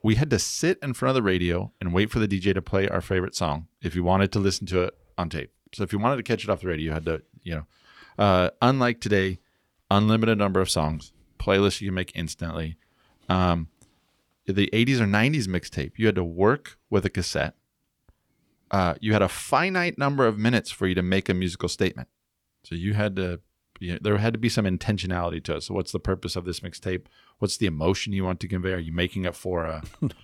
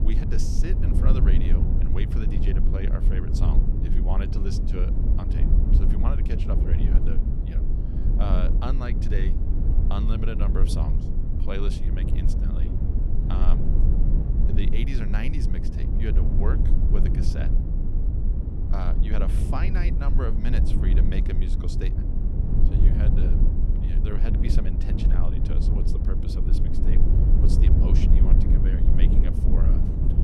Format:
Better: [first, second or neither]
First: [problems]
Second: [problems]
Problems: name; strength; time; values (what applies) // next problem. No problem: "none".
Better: first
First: none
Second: low rumble; loud; throughout; as loud as the speech